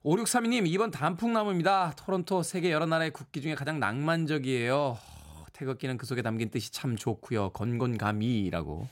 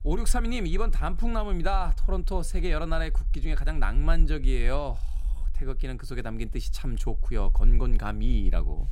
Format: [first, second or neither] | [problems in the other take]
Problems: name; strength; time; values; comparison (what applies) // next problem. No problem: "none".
first | low rumble; faint; throughout; 20 dB below the speech